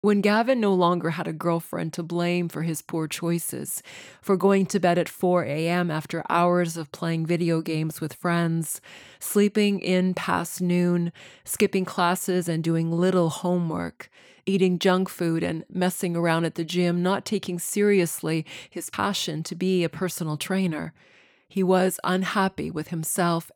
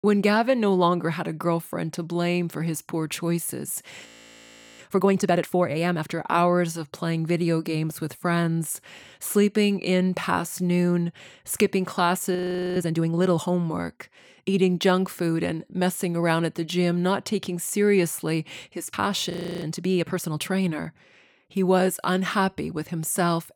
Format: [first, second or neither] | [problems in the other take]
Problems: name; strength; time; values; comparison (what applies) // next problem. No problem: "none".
first | audio freezing; at 4 s for 0.5 s, at 12 s and at 19 s